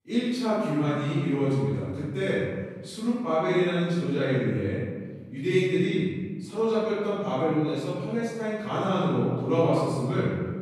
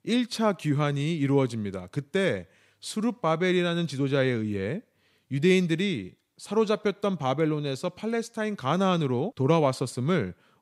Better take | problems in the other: second | off-mic speech; far // room echo; strong; dies away in 1.6 s

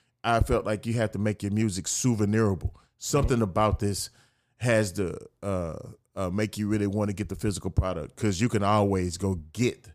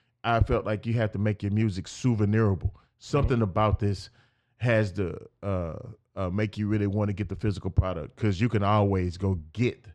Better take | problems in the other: first | muffled; slightly; fading above 3 kHz

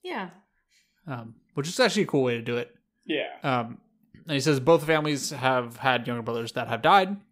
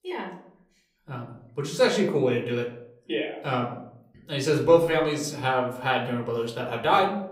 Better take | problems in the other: first | off-mic speech; somewhat distant // room echo; slight; dies away in 0.5 s

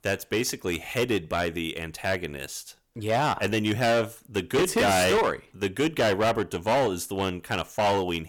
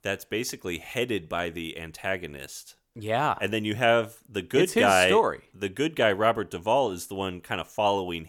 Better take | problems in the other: second | distortion; heavy; 11% of the sound clipped

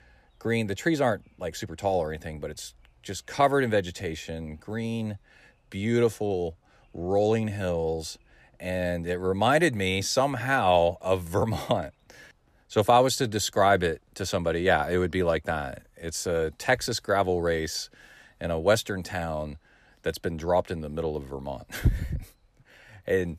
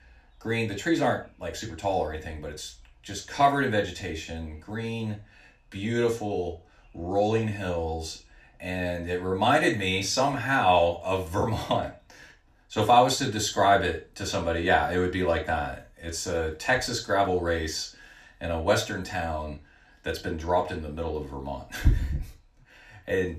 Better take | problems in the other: first | room echo; slight; dies away in 0.3 s // off-mic speech; somewhat distant

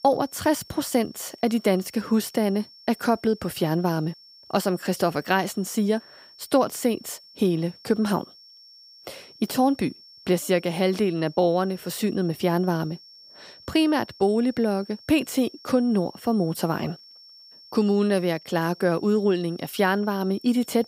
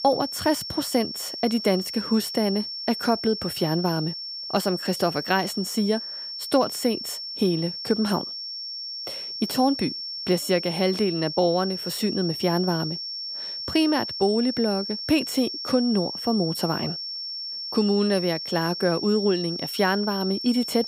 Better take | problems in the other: first | high-pitched whine; loud; throughout; 5.5 kHz, 6 dB below the speech; faint in the first

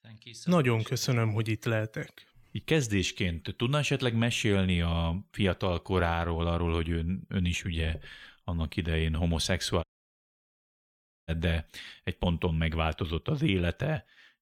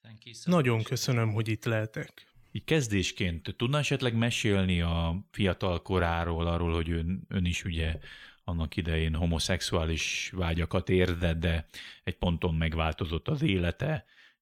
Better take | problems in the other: second | audio cutting out; at 10 s for 1.5 s

